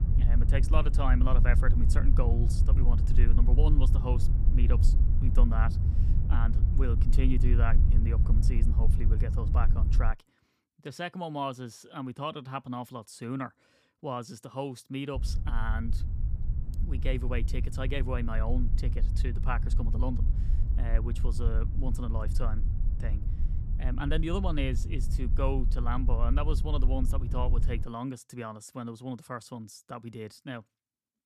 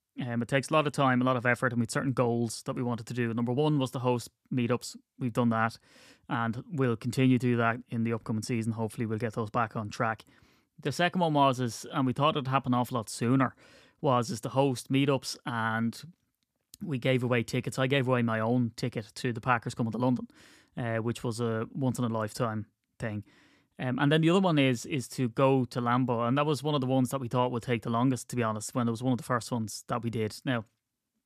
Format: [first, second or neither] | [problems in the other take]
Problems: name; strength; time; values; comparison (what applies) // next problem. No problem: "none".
second | low rumble; loud; until 10 s and from 15 to 28 s; 8 dB below the speech